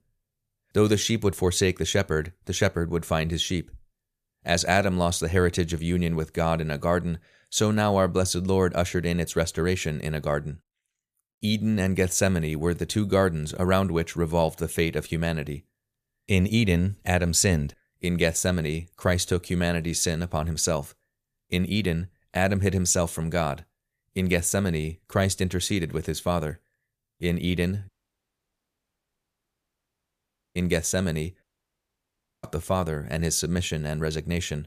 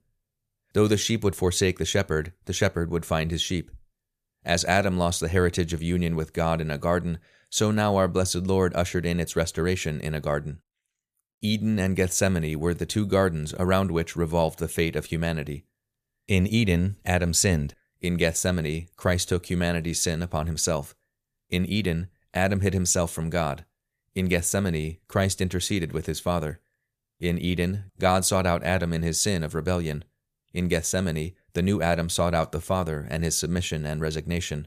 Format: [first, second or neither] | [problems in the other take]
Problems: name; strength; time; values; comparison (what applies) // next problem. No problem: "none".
second | audio cutting out; at 28 s for 2.5 s and at 31 s for 1 s